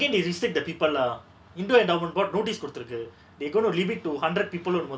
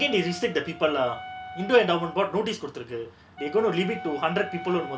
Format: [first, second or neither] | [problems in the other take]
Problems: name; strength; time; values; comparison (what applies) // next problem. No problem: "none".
first | background sound (Wind instrument, woodwind instrument); 14 dB below the speech